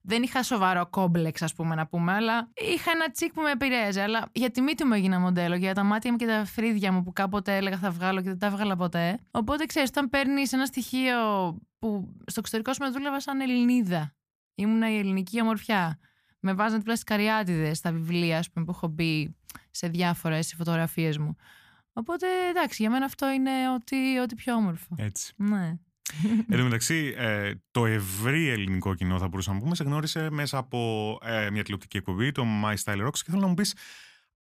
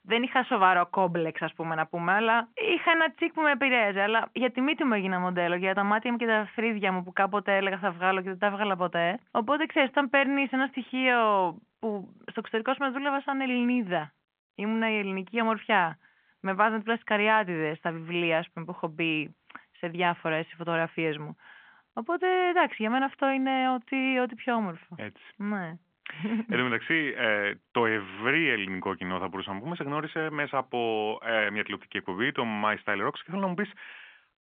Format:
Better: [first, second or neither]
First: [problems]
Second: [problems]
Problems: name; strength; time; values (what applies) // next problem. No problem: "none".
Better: first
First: none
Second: phone-call audio; nothing above 3 kHz